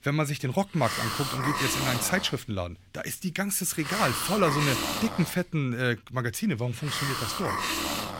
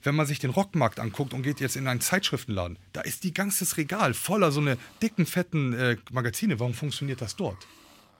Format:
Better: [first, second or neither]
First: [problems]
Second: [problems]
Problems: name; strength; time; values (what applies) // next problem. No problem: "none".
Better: second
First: hiss; loud; throughout; 1 dB below the speech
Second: hiss; faint; throughout; 25 dB below the speech